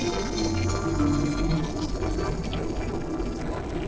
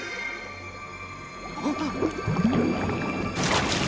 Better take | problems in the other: second | noise reduction (neural separator model SepFormer DNS4)

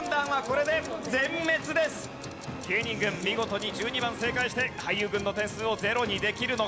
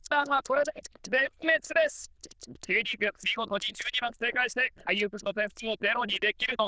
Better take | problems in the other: first | noise reduction (neural diffusion model UNIVERSE++)

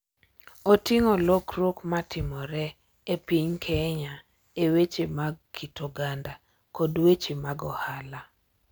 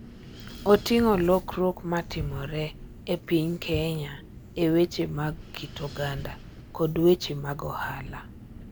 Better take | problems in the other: first | background sound (Wind); 15 dB below the speech

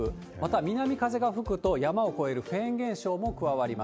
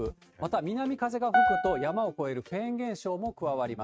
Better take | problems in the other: first | noise reduction (neural mask model RNNoise)

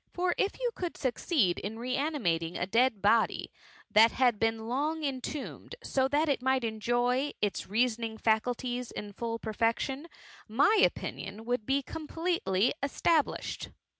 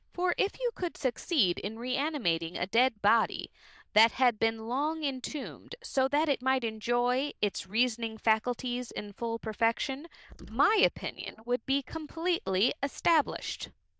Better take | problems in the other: first | noise reduction (neural diffusion model UNIVERSE++)

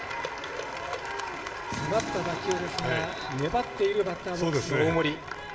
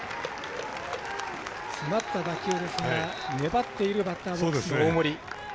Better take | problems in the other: second | background sound (Gunshot, gunfire); 13 dB below the speech // room echo; dies away in 2.3 s

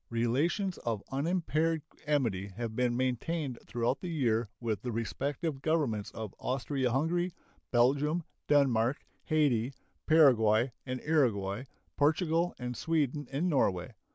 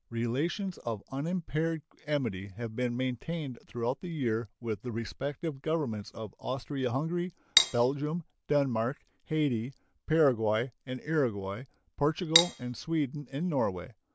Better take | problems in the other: first | background sound (Cutlery, silverware); 2 dB above the speech

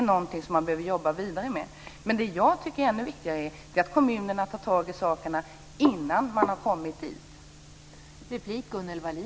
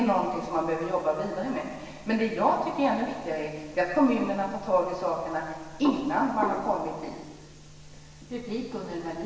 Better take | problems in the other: first | room echo; dies away in 1.3 s

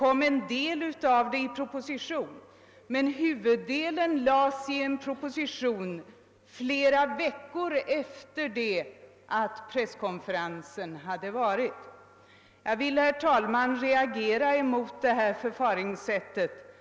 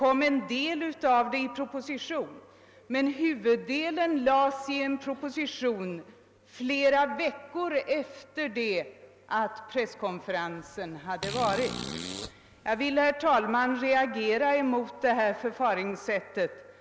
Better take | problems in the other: first | background sound (Fart); 11 dB below the speech

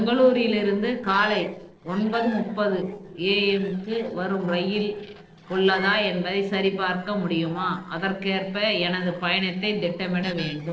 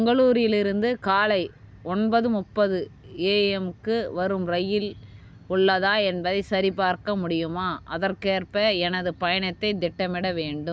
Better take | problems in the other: second | noise reduction (neural separator model SepFormer DNS4)

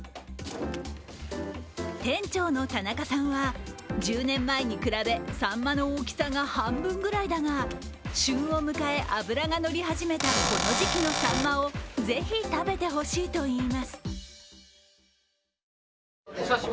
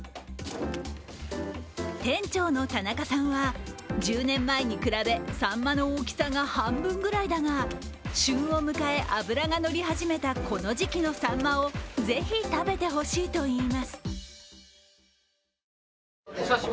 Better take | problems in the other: second | background sound (Cupboard open or close / Door); 1 dB above the speech

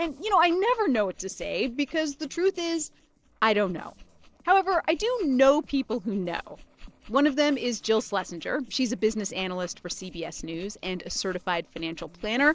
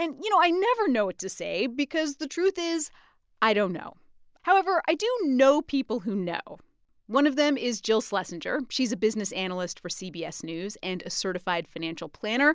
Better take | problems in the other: second | noise reduction (neural separator model SepFormer DNS4)

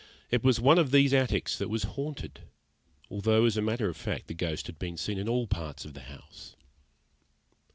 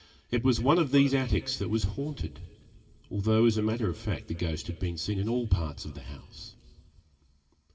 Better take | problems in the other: first | room echo; dies away in 2.5 s

